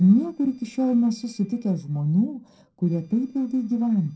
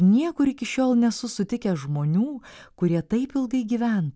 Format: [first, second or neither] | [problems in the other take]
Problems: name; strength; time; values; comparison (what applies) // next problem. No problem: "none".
second | noise reduction (neural separator model SepFormer DNS4)